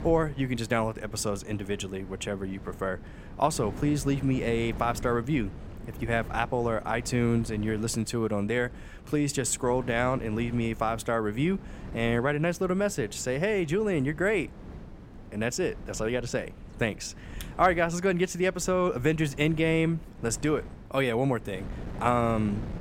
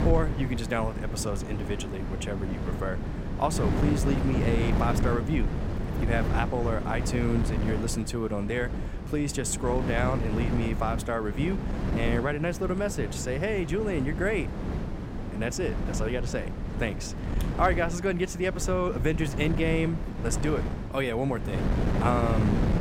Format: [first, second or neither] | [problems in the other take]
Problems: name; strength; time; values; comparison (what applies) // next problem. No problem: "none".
first | wind noise on the microphone; heavy; 7 dB below the speech; occasional gusts in the first